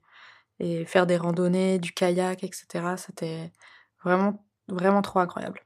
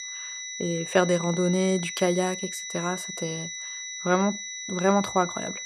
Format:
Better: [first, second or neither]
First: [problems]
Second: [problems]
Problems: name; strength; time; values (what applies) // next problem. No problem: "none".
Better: first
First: none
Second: high-pitched whine; loud; throughout; 2 kHz, 7 dB below the speech